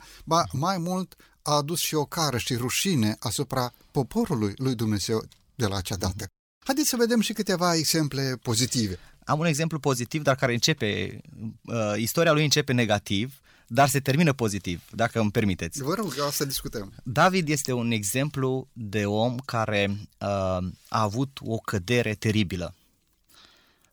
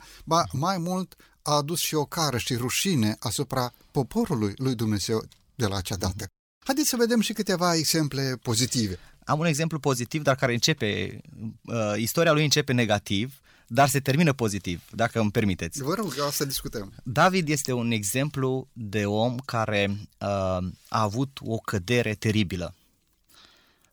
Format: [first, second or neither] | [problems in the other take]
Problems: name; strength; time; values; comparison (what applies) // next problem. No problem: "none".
neither | none